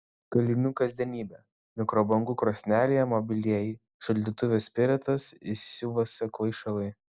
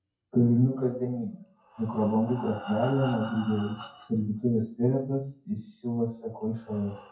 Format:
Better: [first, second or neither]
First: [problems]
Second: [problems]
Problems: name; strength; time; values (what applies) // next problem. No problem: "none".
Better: first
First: none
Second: noise reduction (classical method WPE with log-MMSE)